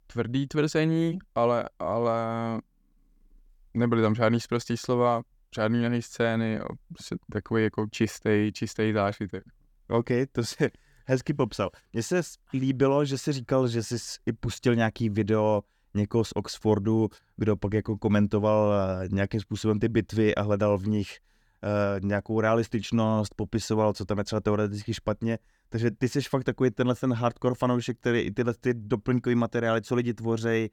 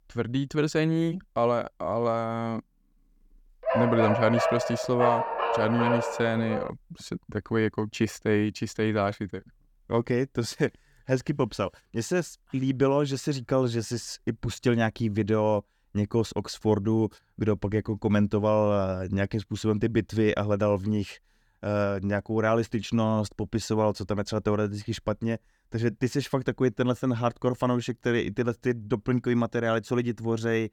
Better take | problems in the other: first | dog barking; loud; from 3.5 to 6.5 s; peak 2 dB above the speech

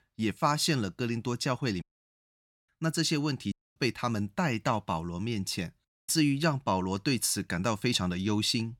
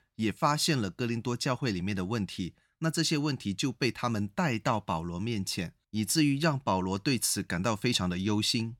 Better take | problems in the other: second | audio cutting out; at 2 s for 1 s, at 3.5 s and at 6 s

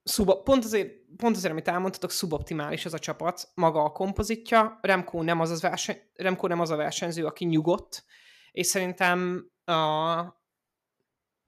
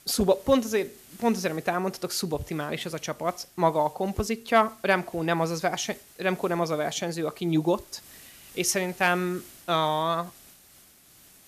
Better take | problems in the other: first | hiss; faint; throughout; 25 dB below the speech

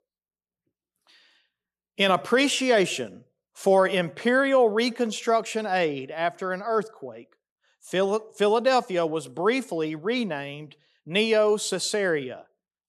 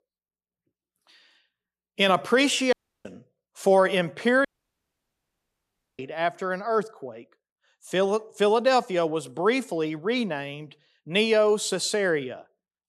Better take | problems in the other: first | audio cutting out; at 2.5 s and at 4.5 s for 1.5 s

